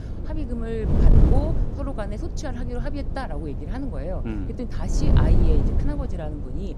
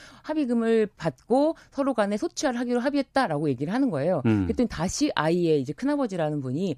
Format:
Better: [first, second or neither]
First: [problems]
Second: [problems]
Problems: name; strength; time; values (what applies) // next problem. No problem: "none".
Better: second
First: wind noise on the microphone; heavy; 2 dB below the speech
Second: none